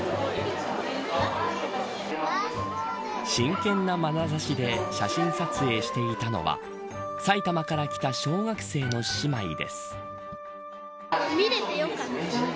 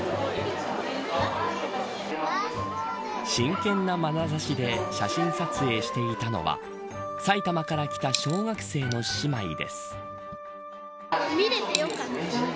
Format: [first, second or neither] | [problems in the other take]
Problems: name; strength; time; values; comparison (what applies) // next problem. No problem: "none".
first | background sound (Coin (dropping)); 7 dB below the speech